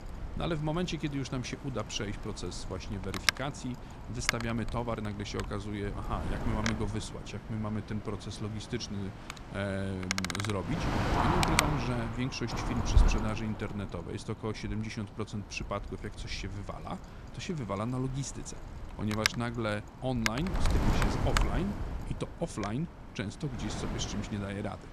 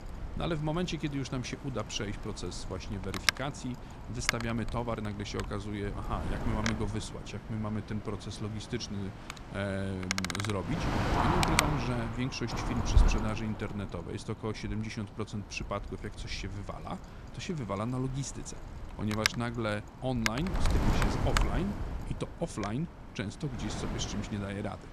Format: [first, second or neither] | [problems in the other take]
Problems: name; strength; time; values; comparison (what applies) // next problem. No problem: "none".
neither | wind noise on the microphone; heavy; 5 dB above the speech; the same in both